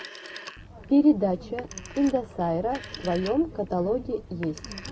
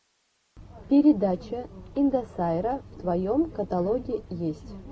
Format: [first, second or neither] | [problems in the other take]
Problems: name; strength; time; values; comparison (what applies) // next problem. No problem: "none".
second | background sound (Telephone); 17 dB below the speech